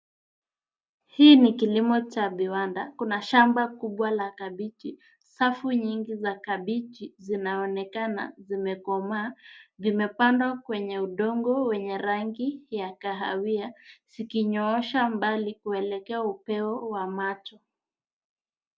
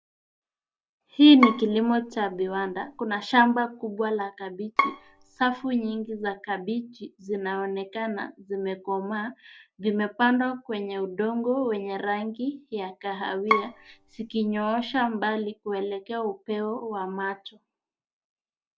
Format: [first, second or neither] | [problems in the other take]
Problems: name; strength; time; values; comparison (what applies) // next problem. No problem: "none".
first | background sound (Bowed string instrument); 5 dB below the speech